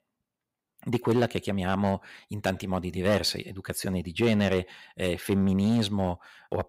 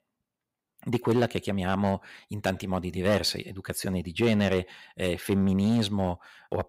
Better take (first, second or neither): neither